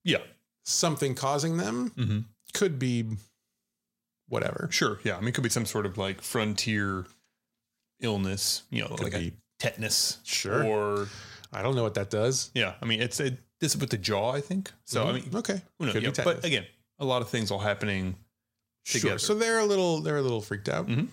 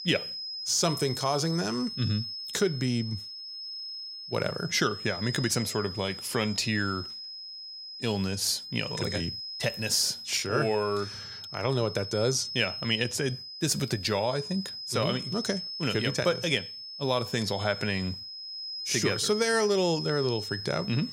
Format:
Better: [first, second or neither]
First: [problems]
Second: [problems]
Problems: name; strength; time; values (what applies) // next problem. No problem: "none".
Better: first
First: none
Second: high-pitched whine; loud; throughout; 5 kHz, 7 dB below the speech